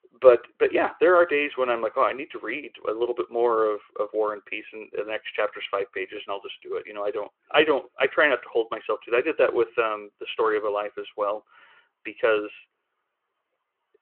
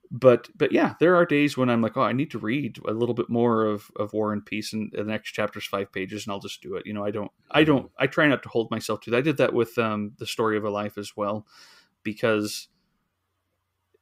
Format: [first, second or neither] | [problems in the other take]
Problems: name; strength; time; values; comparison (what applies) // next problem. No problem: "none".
second | phone-call audio